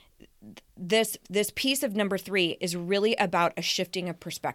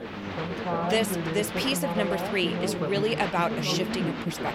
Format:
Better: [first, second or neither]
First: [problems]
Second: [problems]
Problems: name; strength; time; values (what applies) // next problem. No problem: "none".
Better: first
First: none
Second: crowd noise; loud; throughout; 2 dB below the speech